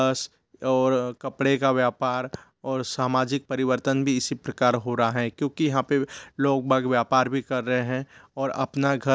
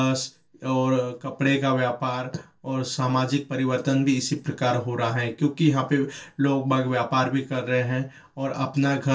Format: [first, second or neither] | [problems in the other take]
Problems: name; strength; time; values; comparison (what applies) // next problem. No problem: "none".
first | room echo; dies away in 0.2 s